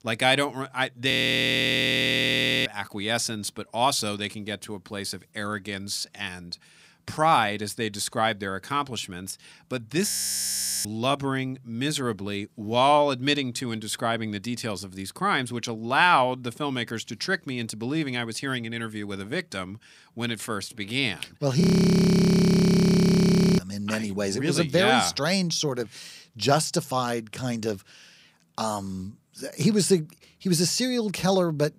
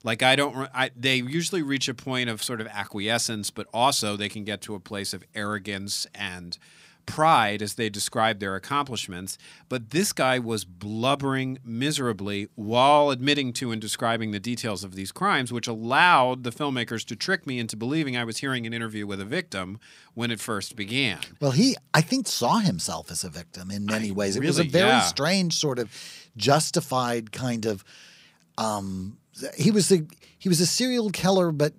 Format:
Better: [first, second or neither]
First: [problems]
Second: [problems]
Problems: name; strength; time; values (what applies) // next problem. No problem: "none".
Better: second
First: audio freezing; at 1 s for 1.5 s, at 10 s for 1 s and at 22 s for 2 s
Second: none